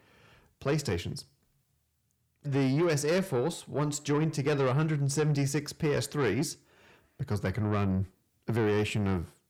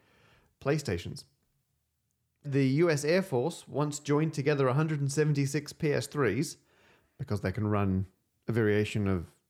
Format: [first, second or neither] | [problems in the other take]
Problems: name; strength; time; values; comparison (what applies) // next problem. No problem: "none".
second | distortion; slight; 10 dB below the speech